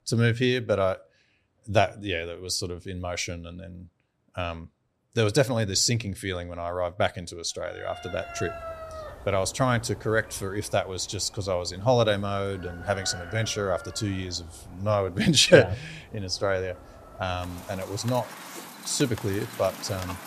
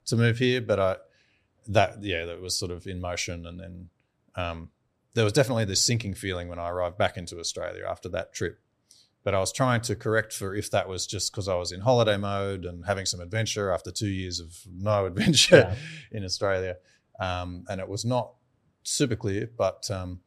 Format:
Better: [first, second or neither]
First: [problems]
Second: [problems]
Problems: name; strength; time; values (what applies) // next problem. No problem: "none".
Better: second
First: animal sounds; noticeable; from 8 s on; 15 dB below the speech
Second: none